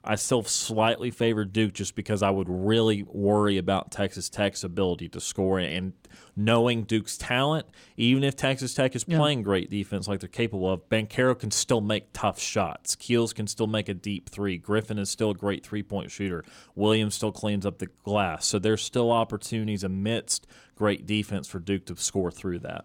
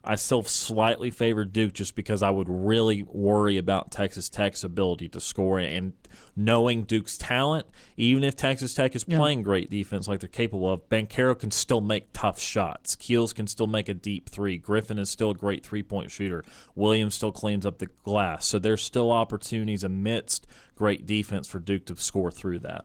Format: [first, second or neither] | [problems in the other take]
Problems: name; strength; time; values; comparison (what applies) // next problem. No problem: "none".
first | garbled, watery; slightly; nothing above 18 kHz